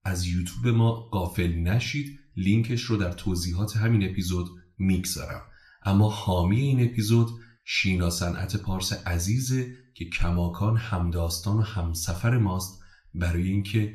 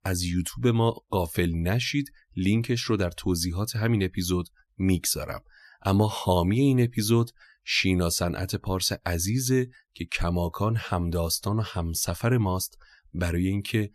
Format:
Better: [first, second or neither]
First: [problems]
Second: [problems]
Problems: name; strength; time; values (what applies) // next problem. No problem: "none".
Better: second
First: room echo; very slight; dies away in 0.4 s // off-mic speech; somewhat distant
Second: none